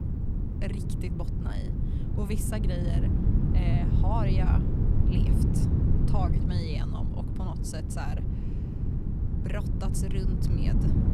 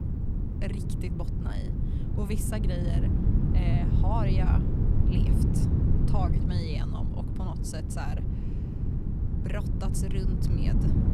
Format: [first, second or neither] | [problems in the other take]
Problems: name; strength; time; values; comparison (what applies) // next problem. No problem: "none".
neither | wind noise on the microphone; heavy; 1 dB above the speech; the same in both